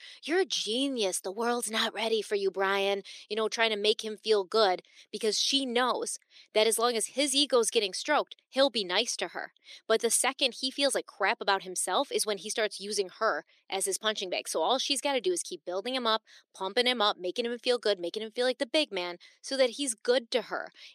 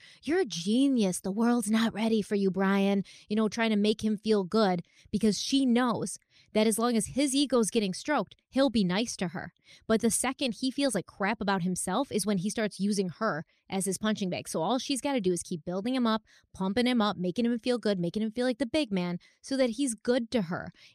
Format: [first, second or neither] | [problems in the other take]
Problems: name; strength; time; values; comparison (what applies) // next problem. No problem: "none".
second | thin; somewhat; fading below 350 Hz